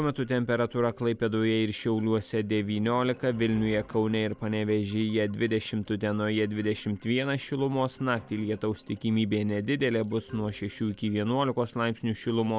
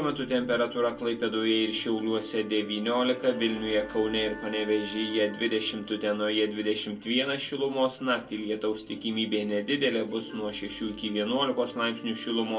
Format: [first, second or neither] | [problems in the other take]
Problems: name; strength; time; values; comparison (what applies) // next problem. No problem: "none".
first | background sound (Wind instrument, woodwind instrument); 18 dB below the speech // room echo; dies away in 0.2 s